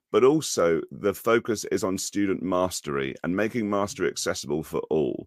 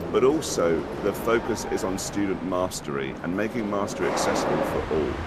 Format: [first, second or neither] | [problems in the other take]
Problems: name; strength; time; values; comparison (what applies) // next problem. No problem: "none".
first | train or aircraft noise; loud; throughout; 4 dB below the speech